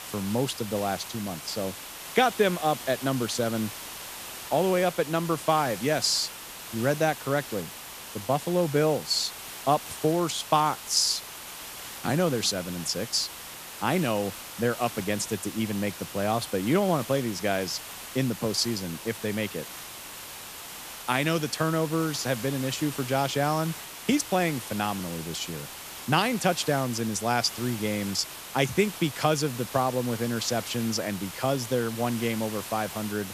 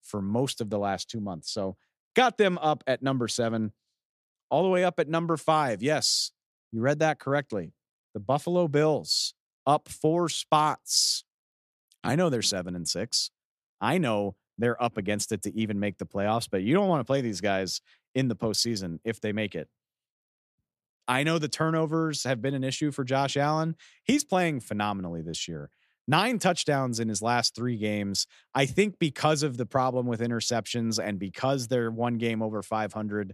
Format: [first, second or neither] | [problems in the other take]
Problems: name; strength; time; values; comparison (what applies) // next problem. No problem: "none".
second | hiss; noticeable; throughout; 10 dB below the speech